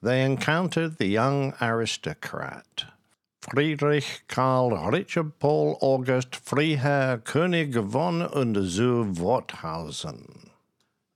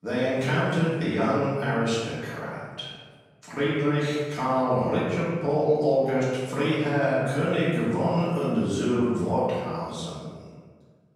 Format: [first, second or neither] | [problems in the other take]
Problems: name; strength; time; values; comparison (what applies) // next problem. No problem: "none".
first | room echo; strong; dies away in 1.3 s // off-mic speech; far